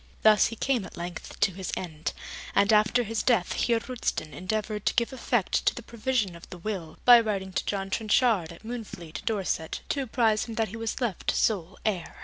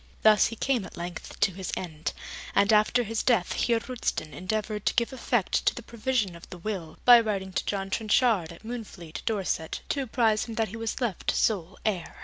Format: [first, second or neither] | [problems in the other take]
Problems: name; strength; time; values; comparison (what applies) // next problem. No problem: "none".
second | background sound (Fireworks); 20 dB below the speech